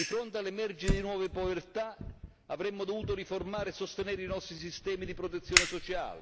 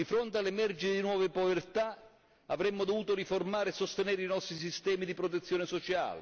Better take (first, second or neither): second